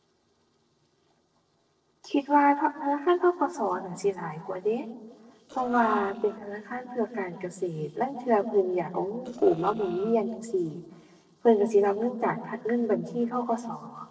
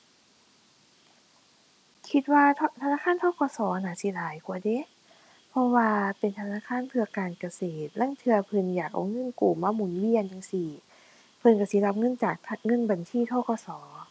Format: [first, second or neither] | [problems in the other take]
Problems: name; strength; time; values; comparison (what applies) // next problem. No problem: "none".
second | noise reduction (neural separator model SepFormer DNS4)